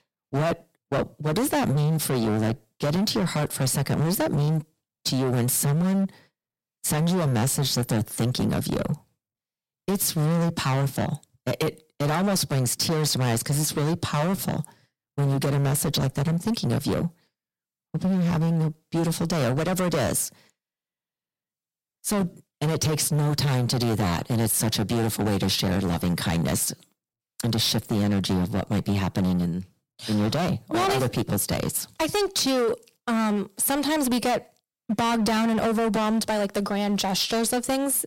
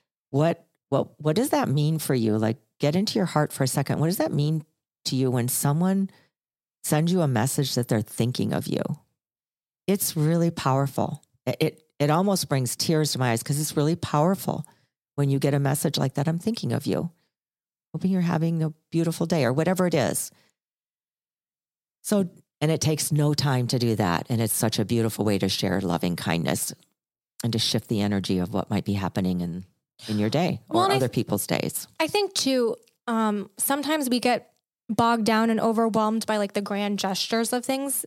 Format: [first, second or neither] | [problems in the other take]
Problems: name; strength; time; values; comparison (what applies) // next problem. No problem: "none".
second | distortion; heavy; 21% of the sound clipped